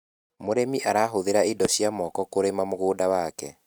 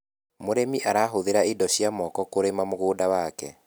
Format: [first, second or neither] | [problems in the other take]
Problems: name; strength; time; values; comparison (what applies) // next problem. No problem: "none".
second | noise reduction (neural mask model RNNoise)